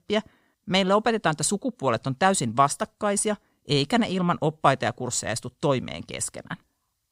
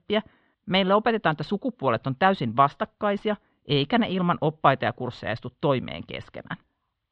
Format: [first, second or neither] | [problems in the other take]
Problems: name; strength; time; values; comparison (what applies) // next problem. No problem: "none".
first | muffled; very; fading above 3.5 kHz